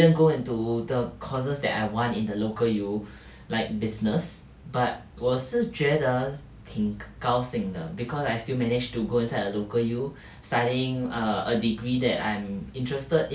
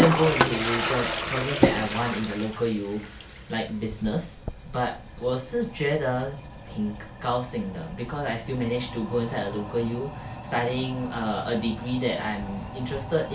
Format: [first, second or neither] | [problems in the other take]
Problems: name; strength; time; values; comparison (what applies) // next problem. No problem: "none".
first | background sound (Toilet flush); 4 dB below the speech